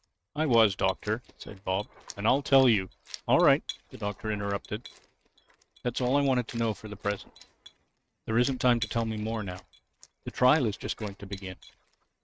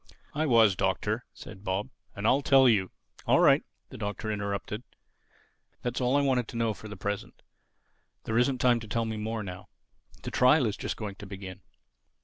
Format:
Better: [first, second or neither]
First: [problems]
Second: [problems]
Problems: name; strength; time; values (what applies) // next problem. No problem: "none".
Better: second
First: noise reduction (neural mask model RNNoise)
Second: none